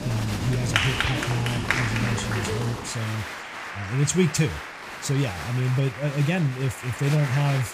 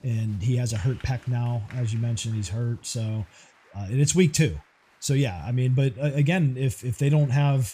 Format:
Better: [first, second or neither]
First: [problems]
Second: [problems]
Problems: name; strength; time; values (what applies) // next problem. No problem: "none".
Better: second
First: crowd noise; loud; throughout; 4 dB below the speech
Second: crowd noise; faint; throughout; 30 dB below the speech